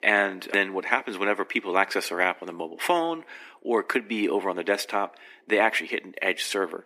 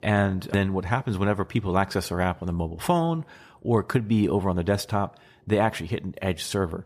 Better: second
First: thin; somewhat; fading below 250 Hz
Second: none

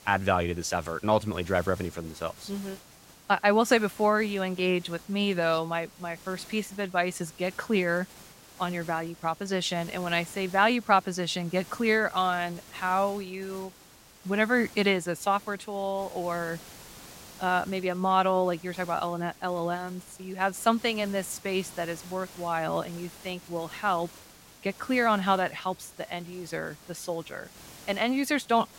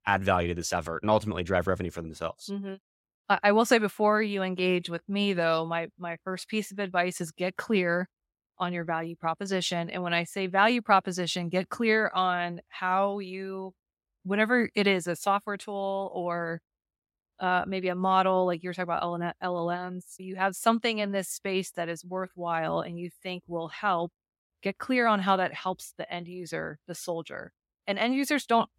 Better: second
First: hiss; noticeable; throughout; 20 dB below the speech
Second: none

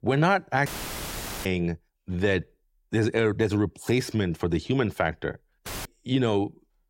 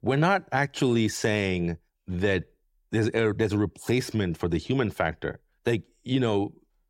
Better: second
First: audio cutting out; filled with static; at 0.5 s for 1 s and at 5.5 s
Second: none

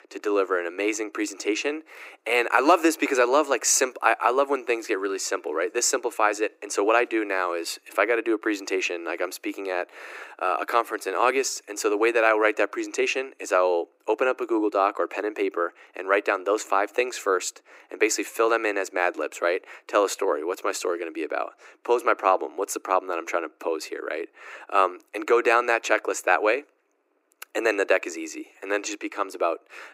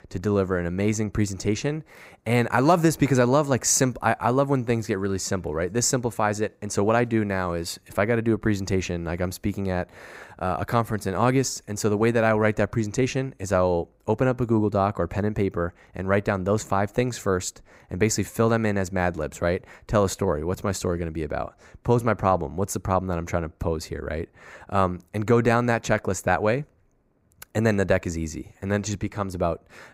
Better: second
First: thin; very; fading below 300 Hz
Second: none

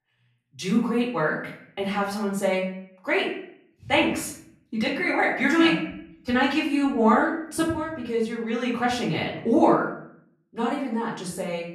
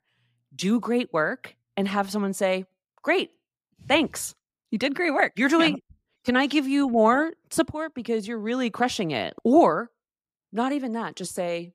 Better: second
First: off-mic speech; far // room echo; noticeable; dies away in 0.6 s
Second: none

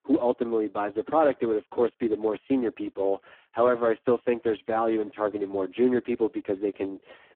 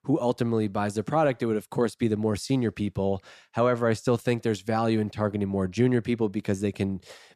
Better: second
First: phone-call audio; poor line; nothing above 3.5 kHz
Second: none

